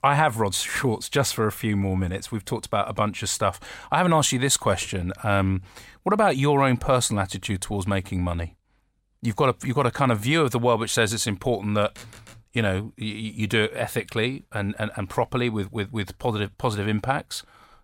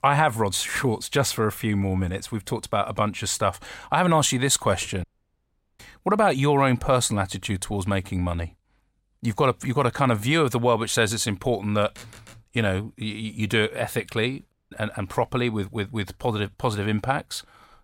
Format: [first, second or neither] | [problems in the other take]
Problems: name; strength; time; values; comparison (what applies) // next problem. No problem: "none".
first | audio cutting out; at 5 s for 1 s and at 15 s